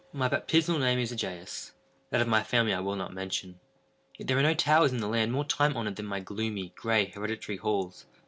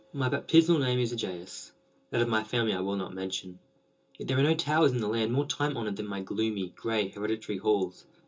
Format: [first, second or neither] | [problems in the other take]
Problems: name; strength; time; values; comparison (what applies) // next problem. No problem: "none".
first | room echo; dies away in 0.2 s